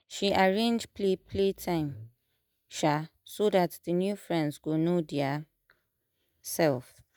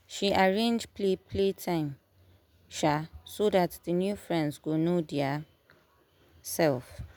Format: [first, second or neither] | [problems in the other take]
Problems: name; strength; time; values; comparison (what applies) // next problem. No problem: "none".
second | noise reduction (neural mask model DeepFilterNet 3)